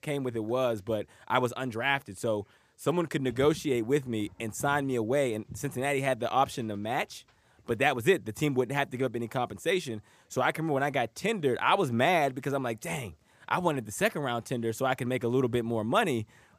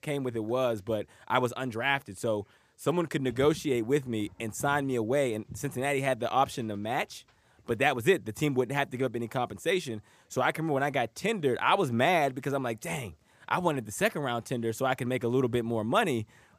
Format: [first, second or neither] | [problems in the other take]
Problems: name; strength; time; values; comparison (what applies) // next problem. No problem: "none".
neither | none